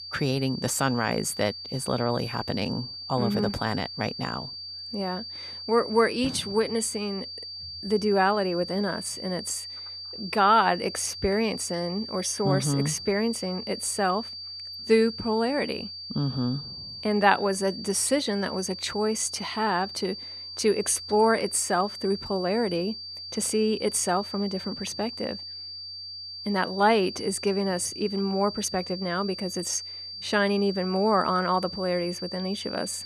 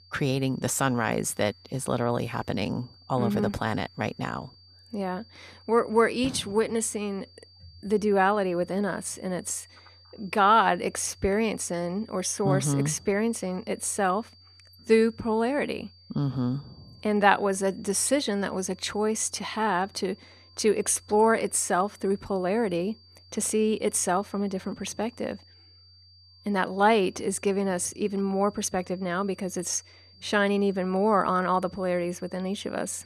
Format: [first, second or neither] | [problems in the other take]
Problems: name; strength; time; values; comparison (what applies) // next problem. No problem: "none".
second | high-pitched whine; loud; throughout; 4.5 kHz, 9 dB below the speech; faint in the second